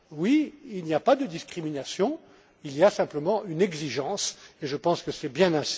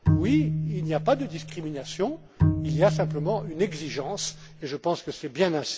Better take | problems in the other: first | background sound (Bowed string instrument); as loud as the speech

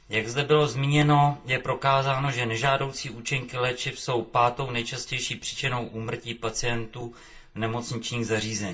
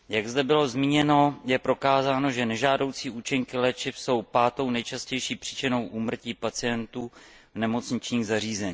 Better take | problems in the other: second | room echo; dies away in 0.2 s

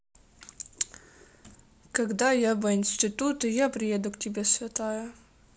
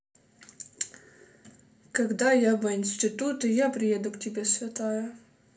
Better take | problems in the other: first | room echo; dies away in 0.3 s

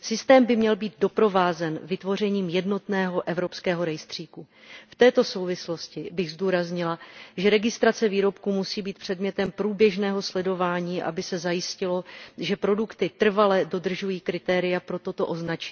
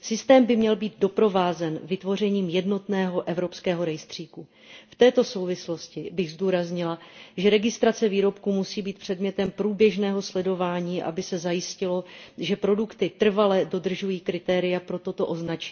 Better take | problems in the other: first | room echo; dies away in 0.3 s

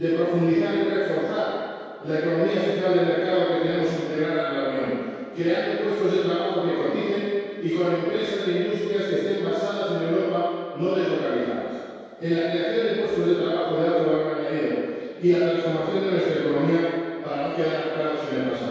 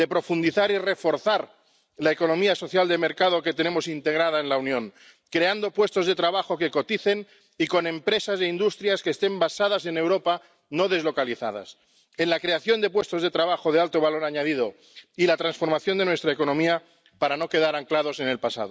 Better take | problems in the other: second | room echo; dies away in 2 s

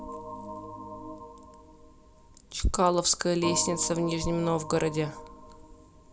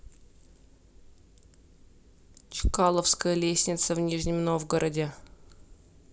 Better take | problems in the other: second | background sound (Organ); 11 dB below the speech

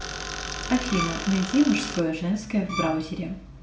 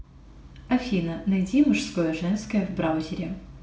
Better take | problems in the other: second | background sound (Bowed string instrument + Tools); 7 dB below the speech

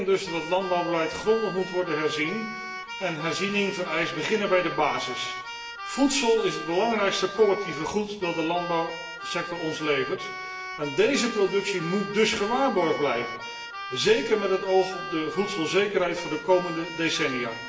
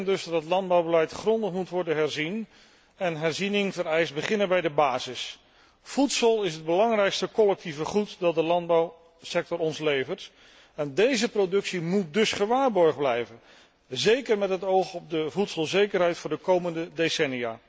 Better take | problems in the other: second | background sound (Keyboard (musical)); 10 dB below the speech // room echo; dies away in 0.9 s

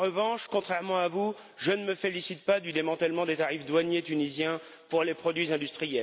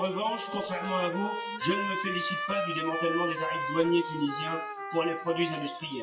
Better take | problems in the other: first | noise reduction (classical method WPE with log-MMSE)

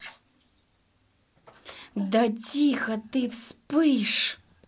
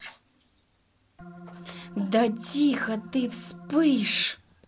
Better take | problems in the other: first | background sound (Organ); 16 dB below the speech

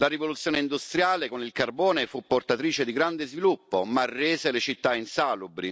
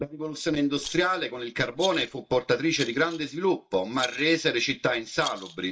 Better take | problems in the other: first | noise reduction (neural mask model DeepFilterNet 3)

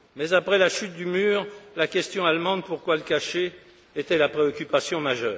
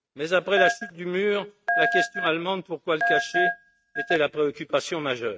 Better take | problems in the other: first | noise reduction (neural mask model RNNoise)

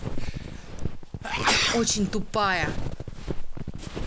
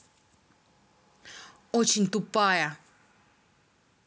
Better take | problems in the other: second | background sound (Walk, footsteps + Sneeze); 3 dB above the speech

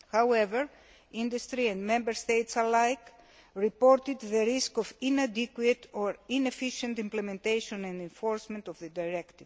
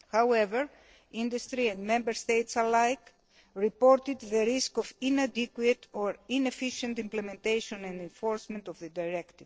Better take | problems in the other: first | noise reduction (neural separator model SepFormer DNS4)

